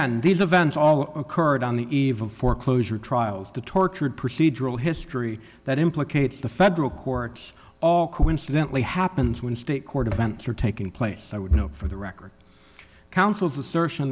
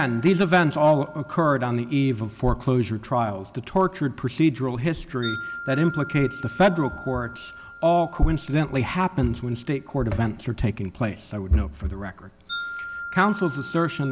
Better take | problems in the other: first | background sound (Wind chime); 16 dB below the speech

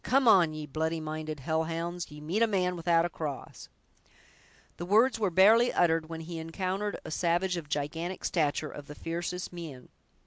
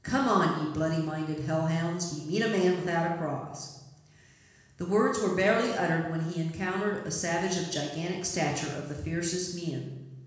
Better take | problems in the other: first | room echo; dies away in 1.1 s

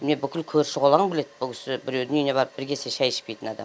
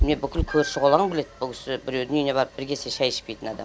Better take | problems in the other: first | background sound (Meow); 8 dB below the speech

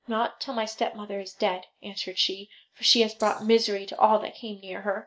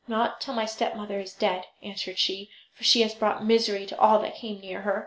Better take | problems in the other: second | noise reduction (neural mask model DeepFilterNet 3)

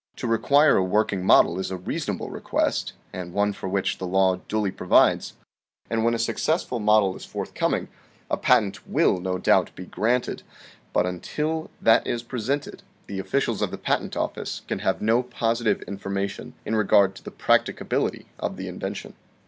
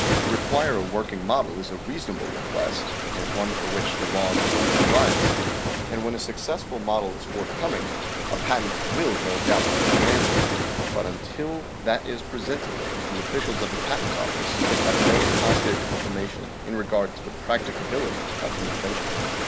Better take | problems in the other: first | background sound (Waves, surf); 3 dB above the speech

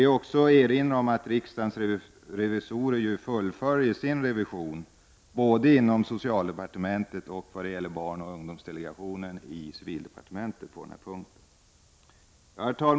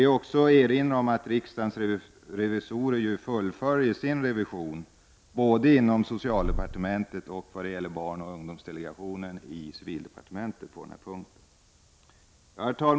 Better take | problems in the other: first | background sound (Purr); 5 dB below the speech

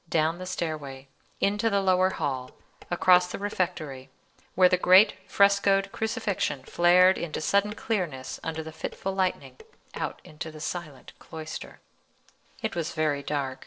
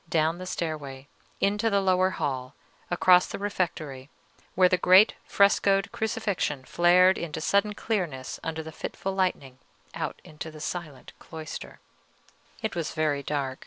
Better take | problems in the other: second | noise reduction (neural separator model SepFormer DNS4)

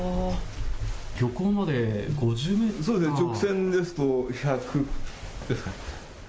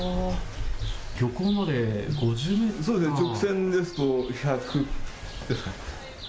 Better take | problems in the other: first | background sound (Chirp, tweet); 19 dB below the speech

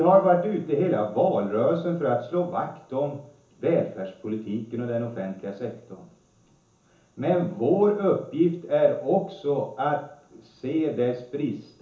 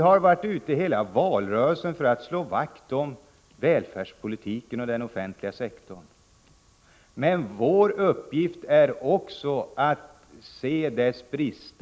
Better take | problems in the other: second | room echo; dies away in 0.7 s

